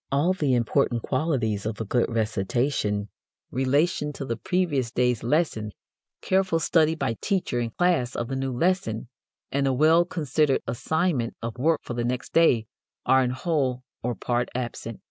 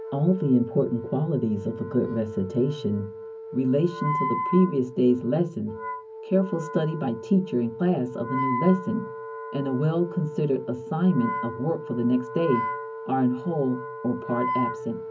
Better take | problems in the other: first | background sound (Wind instrument, woodwind instrument); 8 dB below the speech // room echo; dies away in 0.3 s

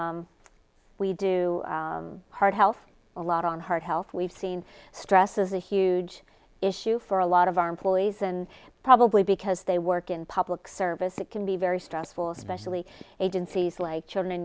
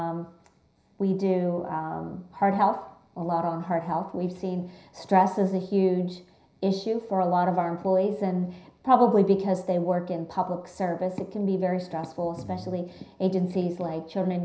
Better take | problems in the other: first | room echo; dies away in 0.5 s

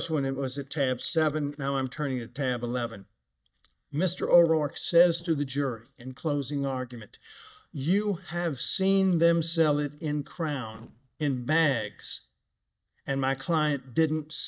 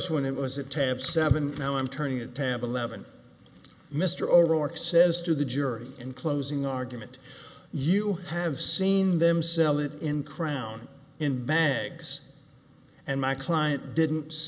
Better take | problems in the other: second | noise reduction (neural mask model DeepFilterNet 3)

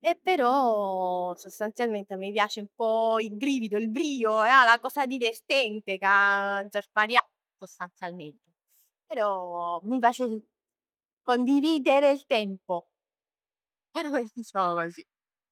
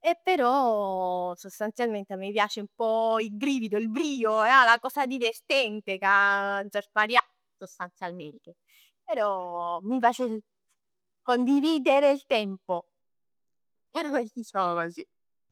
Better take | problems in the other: second | noise reduction (neural mask model DeepFilterNet 3)

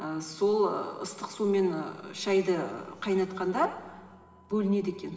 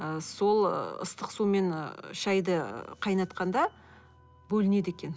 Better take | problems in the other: second | room echo; dies away in 2.6 s

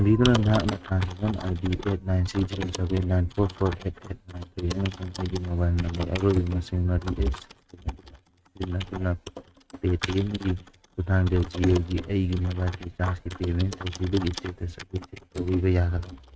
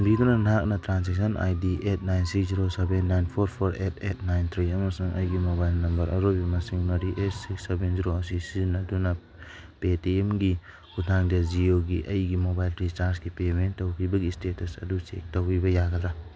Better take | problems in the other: second | noise reduction (neural mask model RNNoise)

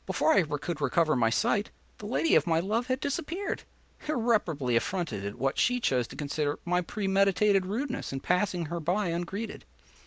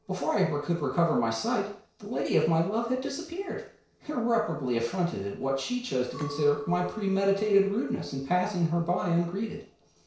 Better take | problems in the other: first | noise reduction (neural separator model SepFormer DNS4)

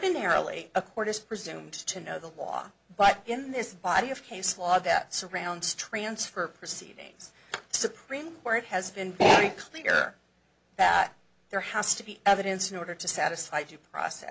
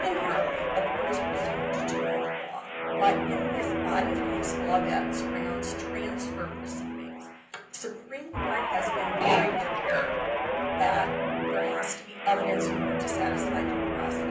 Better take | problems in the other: first | background sound (Guitar); 3 dB above the speech // room echo; dies away in 0.6 s

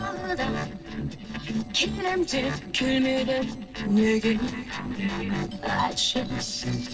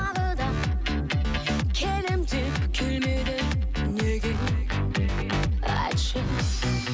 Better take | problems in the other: second | noise reduction (neural separator model SepFormer DNS4)

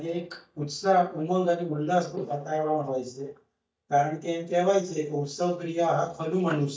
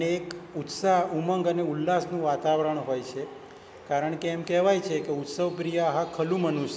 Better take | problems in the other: second | noise reduction (neural mask model DeepFilterNet 3)

